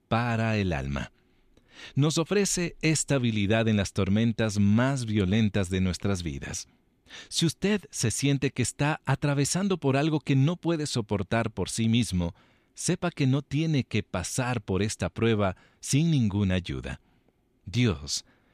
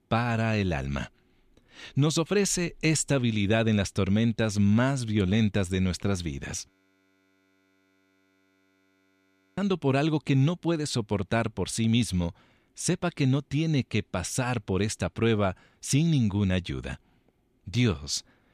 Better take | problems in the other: first | audio freezing; at 6.5 s for 3 s

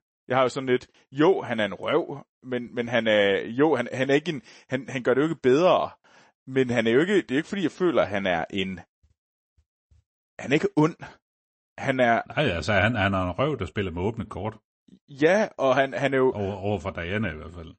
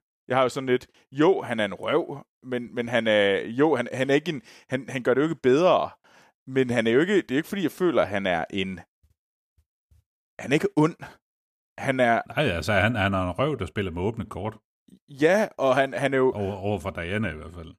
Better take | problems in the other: second | garbled, watery; slightly; nothing above 8 kHz

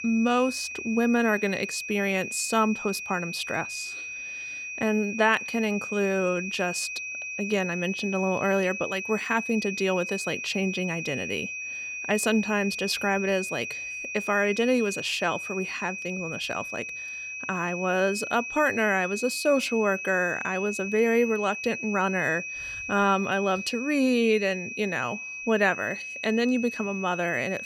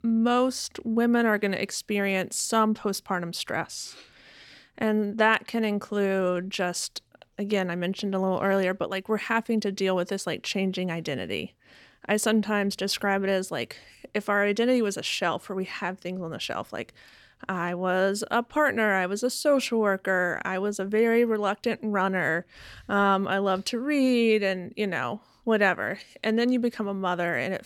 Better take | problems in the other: second | high-pitched whine; loud; throughout; 2.5 kHz, 6 dB below the speech

